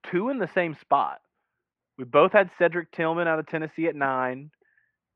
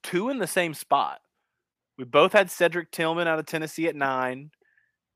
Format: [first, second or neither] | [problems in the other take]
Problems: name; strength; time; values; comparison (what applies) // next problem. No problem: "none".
second | muffled; very; fading above 2.5 kHz